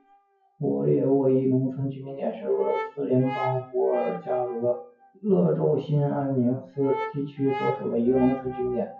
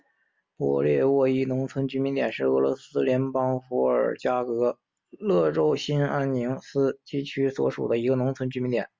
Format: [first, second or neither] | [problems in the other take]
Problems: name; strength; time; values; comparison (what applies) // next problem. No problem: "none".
second | noise reduction (classical method WPE with log-MMSE)